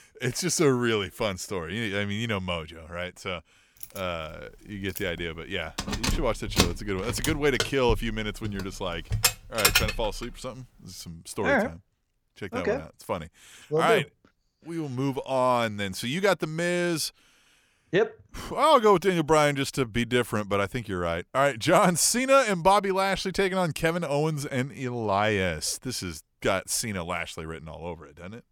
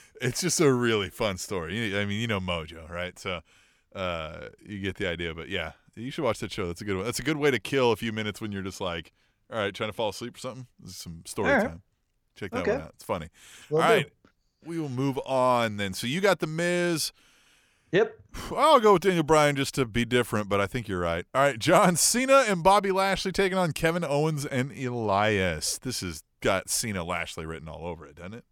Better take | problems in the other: second | jangling keys; loud; from 4 to 10 s; peak 5 dB above the speech

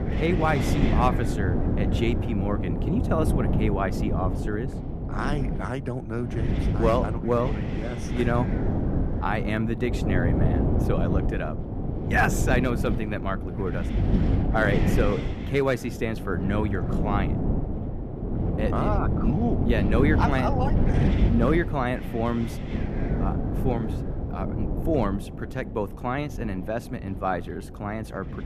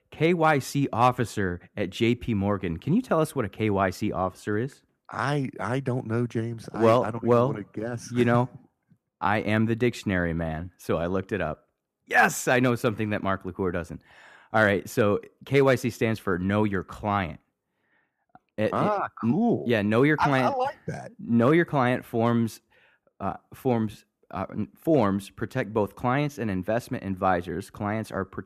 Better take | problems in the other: second | wind noise on the microphone; heavy; 5 dB below the speech

